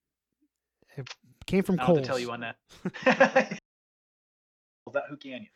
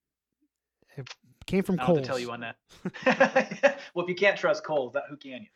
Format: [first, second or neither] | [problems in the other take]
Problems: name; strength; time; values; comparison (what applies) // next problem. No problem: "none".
second | audio cutting out; at 3.5 s for 1.5 s